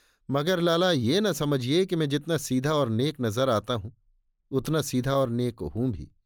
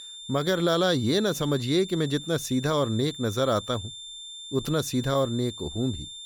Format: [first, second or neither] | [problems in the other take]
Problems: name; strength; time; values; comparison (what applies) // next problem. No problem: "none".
first | high-pitched whine; noticeable; throughout; 3.5 kHz, 10 dB below the speech